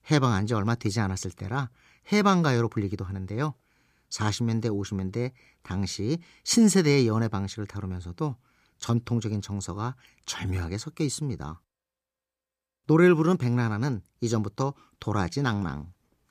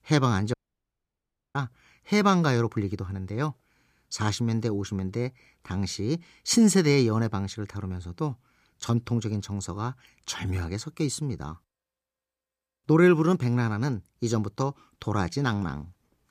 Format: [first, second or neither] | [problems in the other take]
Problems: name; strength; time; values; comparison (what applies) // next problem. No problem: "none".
first | audio cutting out; at 0.5 s for 1 s